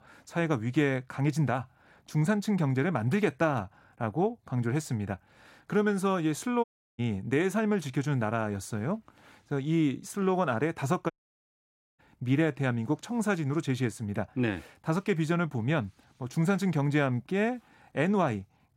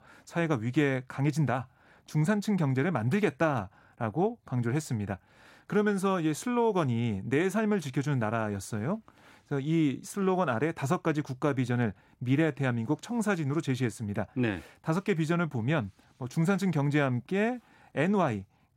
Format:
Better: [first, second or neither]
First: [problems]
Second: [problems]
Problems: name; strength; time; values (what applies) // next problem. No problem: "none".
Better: second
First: audio cutting out; at 6.5 s and at 11 s for 1 s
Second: none